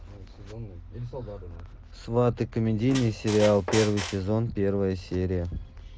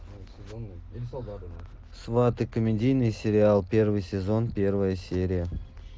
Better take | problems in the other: second | background sound (Squeak); 8 dB below the speech

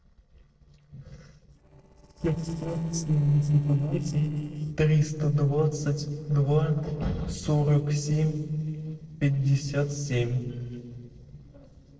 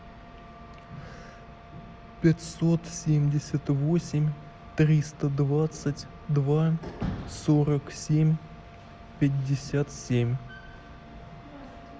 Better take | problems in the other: second | noise reduction (neural separator model SepFormer DNS4)

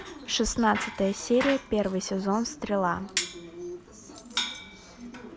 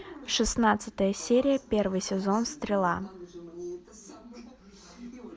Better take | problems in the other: second | background sound (Bicycle); 9 dB below the speech

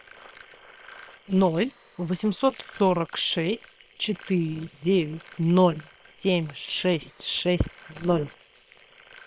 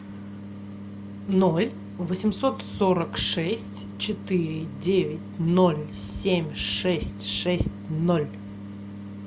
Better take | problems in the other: second | noise reduction (neural separator model SepFormer WHAM!)

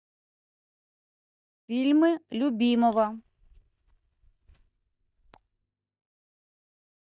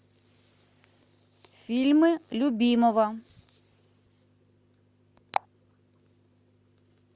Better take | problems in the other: second | noise reduction (neural mask model DeepFilterNet 3)

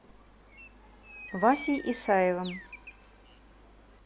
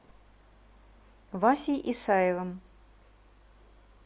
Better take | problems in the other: second | background sound (Bird); 15 dB below the speech

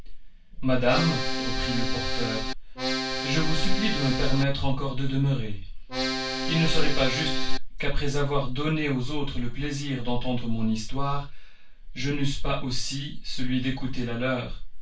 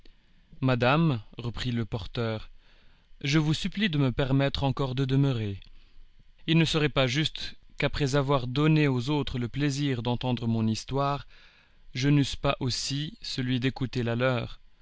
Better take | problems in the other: second | background sound (Accordion); 6 dB below the speech // room echo; dies away in 0.2 s

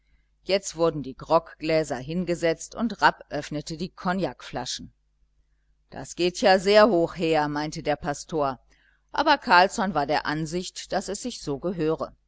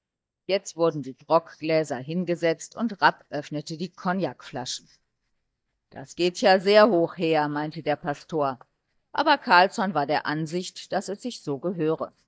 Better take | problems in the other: first | noise reduction (neural mask model DeepFilterNet 3)

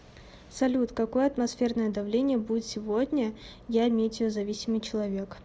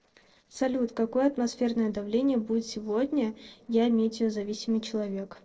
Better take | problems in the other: first | noise reduction (neural separator model SepFormer DNS4)

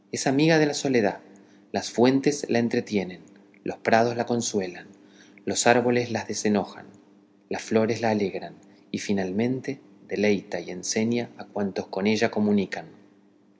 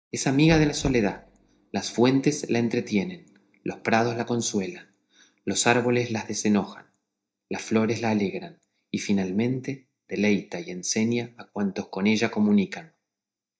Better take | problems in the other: first | noise reduction (neural mask model DeepFilterNet 3)

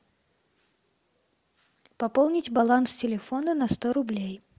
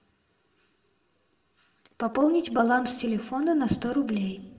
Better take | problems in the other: first | room echo; dies away in 1.4 s

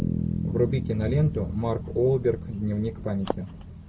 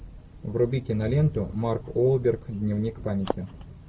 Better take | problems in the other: second | background sound (Bass guitar); 5 dB below the speech

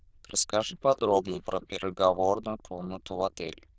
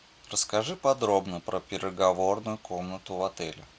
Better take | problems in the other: second | noise reduction (neural diffusion model UNIVERSE++)

